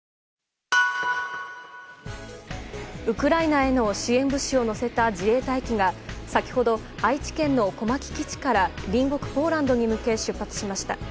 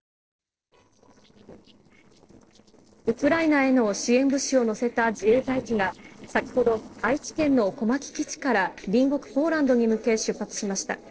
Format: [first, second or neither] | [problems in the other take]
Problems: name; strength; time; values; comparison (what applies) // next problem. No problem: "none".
first | noise reduction (neural separator model SepFormer DNS4)